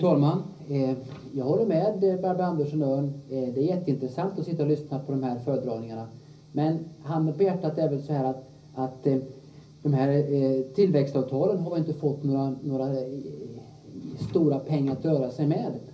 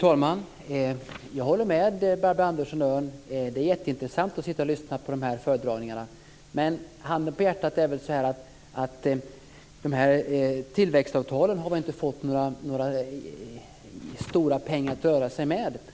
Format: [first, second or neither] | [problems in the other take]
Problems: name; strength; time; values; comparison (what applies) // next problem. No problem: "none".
second | room echo; dies away in 0.5 s